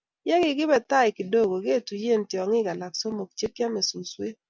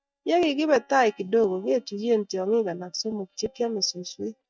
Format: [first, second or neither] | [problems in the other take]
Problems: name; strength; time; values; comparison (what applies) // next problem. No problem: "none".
first | noise reduction (neural mask model DeepFilterNet 3)